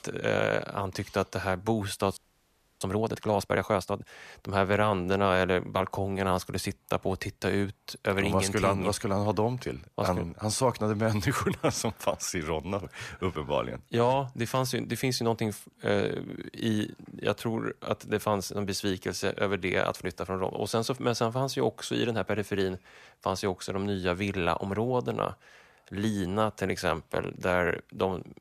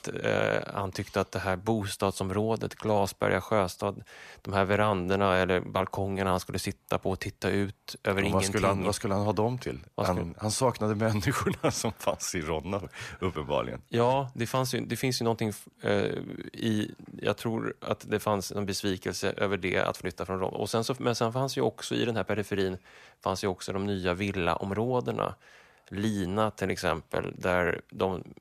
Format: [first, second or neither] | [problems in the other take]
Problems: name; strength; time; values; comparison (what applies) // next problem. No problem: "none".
second | audio freezing; at 2 s for 0.5 s